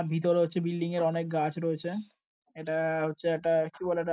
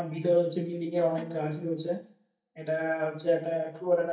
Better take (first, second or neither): first